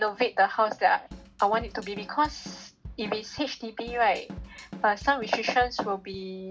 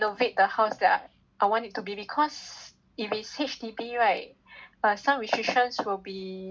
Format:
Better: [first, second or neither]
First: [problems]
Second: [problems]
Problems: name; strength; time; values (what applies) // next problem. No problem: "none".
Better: second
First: background sound (Drum kit); 15 dB below the speech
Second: none